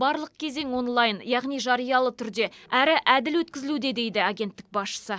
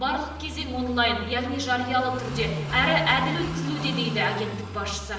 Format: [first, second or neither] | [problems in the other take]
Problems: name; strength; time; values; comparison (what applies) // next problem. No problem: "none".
first | background sound (Car passing by / Idling); 6 dB below the speech // room echo; dies away in 0.8 s